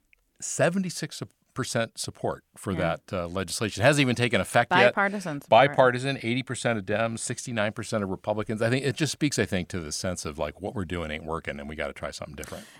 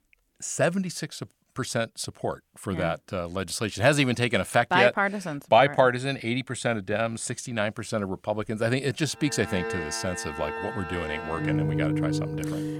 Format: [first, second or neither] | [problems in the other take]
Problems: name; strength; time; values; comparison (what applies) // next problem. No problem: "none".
first | background music; loud; from 9.5 s on; 4 dB below the speech